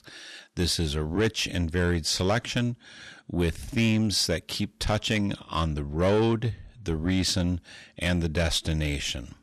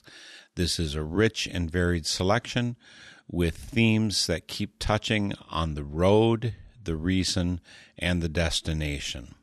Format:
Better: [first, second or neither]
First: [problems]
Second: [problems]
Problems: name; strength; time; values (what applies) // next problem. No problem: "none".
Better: second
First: distortion; slight; 10 dB below the speech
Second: none